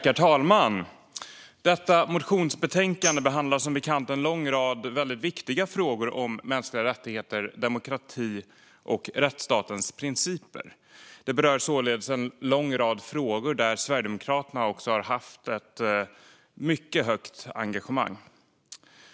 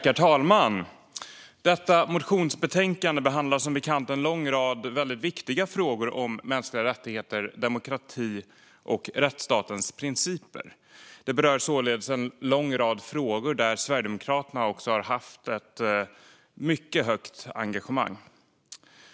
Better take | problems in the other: second | background sound (Tambourine); 9 dB below the speech

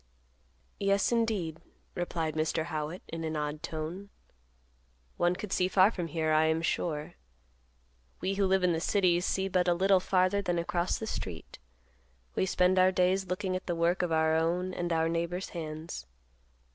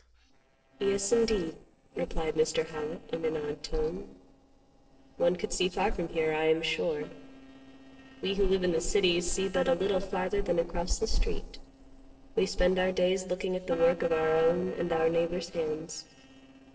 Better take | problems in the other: first | noise reduction (neural separator model SepFormer DNS4)

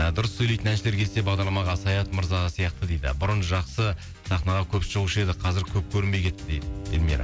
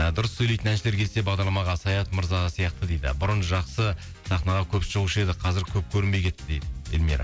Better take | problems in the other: second | background sound (Bowed string instrument); 16 dB below the speech

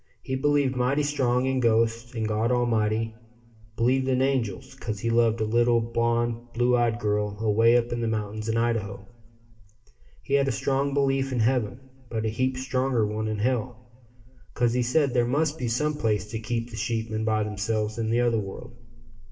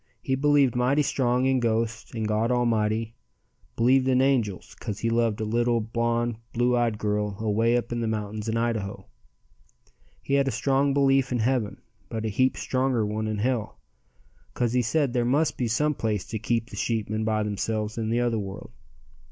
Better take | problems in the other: second | room echo; dies away in 0.8 s

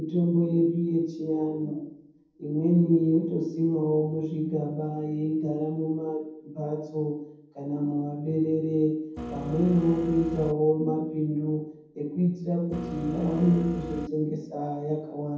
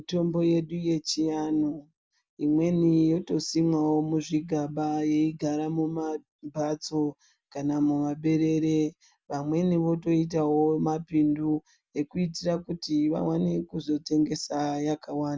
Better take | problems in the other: second | background sound (Printer); 9 dB below the speech // room echo; dies away in 0.9 s

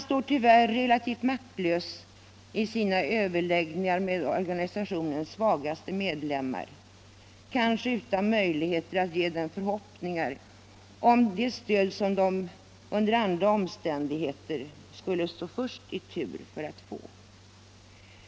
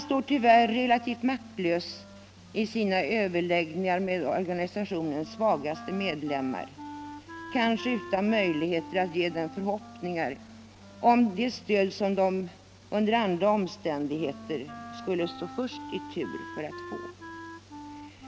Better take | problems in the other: first | background sound (Wind instrument, woodwind instrument); 17 dB below the speech

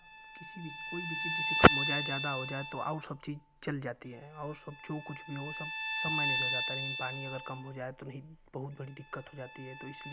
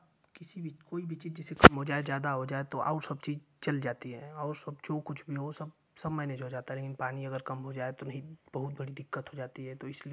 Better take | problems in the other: second | background sound (Bowed string instrument); 2 dB below the speech

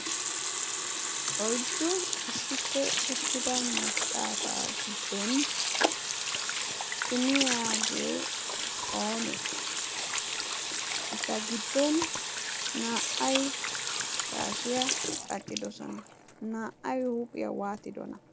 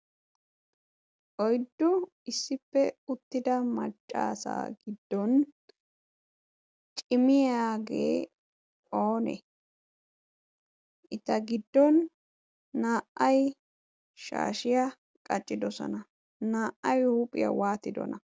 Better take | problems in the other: second | background sound (Sink (filling or washing) / Water tap, faucet); 3 dB above the speech

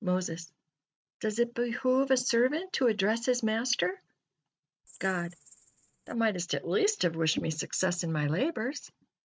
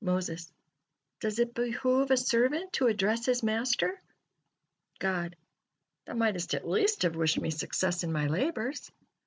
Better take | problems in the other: second | noise reduction (neural mask model RNNoise)

